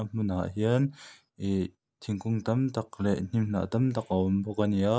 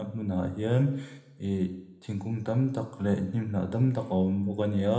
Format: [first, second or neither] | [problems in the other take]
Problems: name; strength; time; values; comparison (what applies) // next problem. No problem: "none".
first | room echo; dies away in 1.1 s